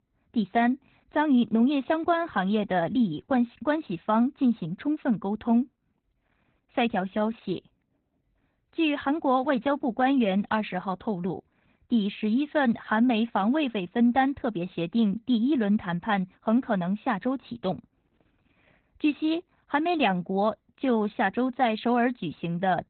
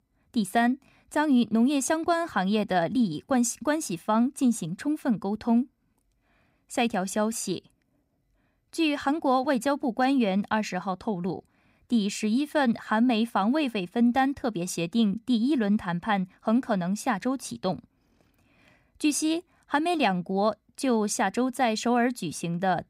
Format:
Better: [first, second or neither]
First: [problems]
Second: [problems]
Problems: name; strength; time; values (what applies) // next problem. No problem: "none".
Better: second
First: garbled, watery; badly; nothing above 4 kHz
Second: none